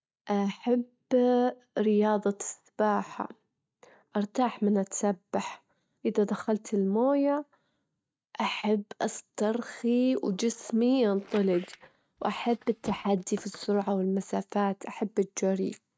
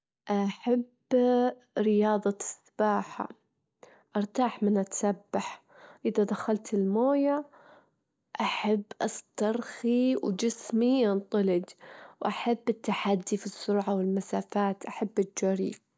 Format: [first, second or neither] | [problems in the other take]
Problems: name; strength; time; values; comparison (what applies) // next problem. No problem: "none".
second | noise reduction (neural mask model RNNoise)